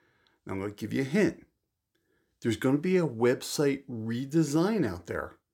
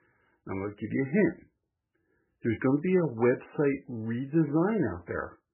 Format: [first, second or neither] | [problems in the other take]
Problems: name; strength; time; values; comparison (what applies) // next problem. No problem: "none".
first | garbled, watery; badly; nothing above 2.5 kHz